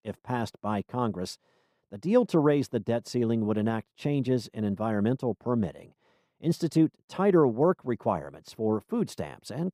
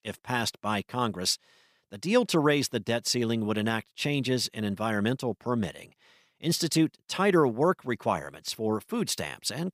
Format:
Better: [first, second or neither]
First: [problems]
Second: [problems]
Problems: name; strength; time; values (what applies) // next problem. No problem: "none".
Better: second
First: muffled; slightly; fading above 1.5 kHz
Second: none